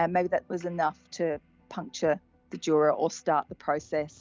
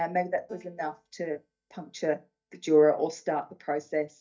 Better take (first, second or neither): first